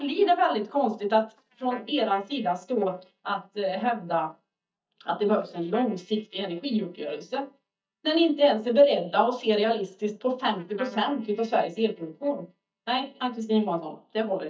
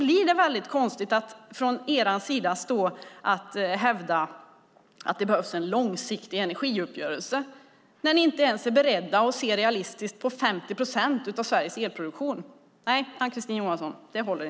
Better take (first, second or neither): second